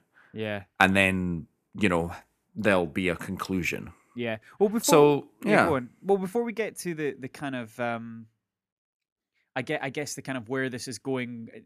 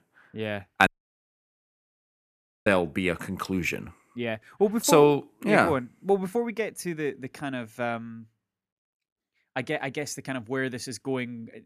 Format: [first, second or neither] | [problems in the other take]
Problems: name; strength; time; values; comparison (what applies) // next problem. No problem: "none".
first | audio cutting out; at 1 s for 2 s